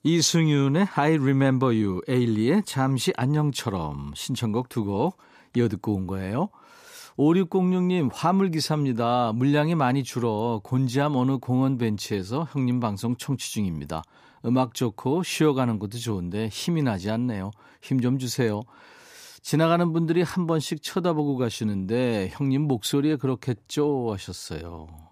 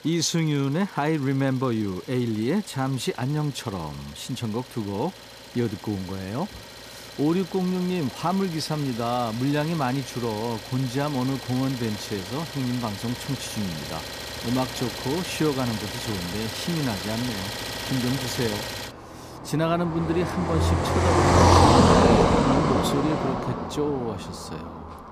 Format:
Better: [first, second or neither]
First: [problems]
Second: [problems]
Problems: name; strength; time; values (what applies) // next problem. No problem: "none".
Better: first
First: none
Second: traffic noise; very loud; throughout; 2 dB above the speech